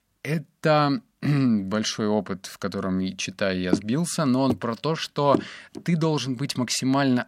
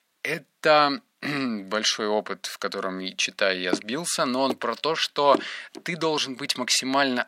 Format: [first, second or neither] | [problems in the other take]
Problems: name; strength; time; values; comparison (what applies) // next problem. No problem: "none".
first | thin; somewhat; fading below 400 Hz